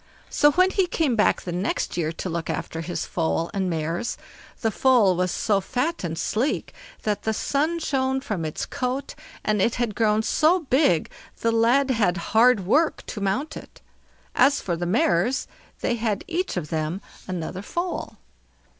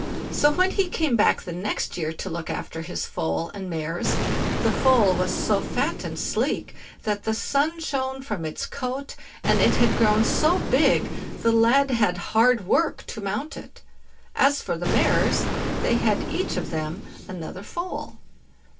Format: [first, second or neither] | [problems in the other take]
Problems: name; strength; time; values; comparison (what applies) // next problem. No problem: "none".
first | background sound (Explosion); 5 dB below the speech // room echo; dies away in 0.1 s